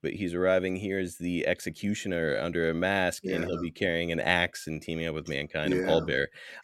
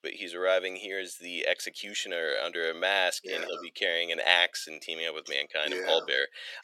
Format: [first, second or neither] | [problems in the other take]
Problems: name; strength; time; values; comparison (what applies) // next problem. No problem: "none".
first | thin; very; fading below 500 Hz